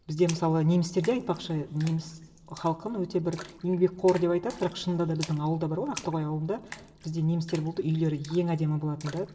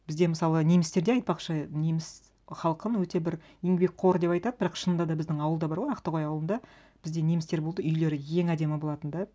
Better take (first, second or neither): second